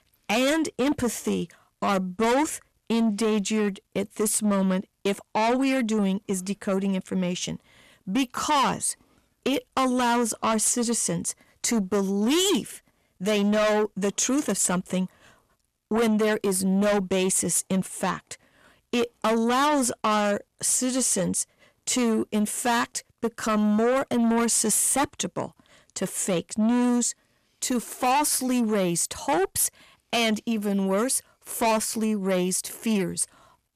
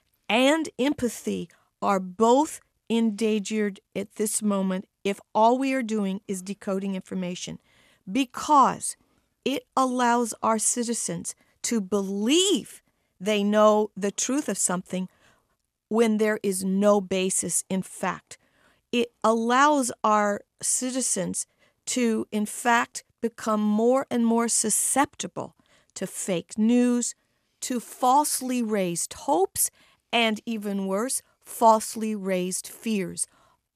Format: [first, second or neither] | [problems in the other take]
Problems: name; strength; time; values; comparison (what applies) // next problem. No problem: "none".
second | distortion; heavy; 7 dB below the speech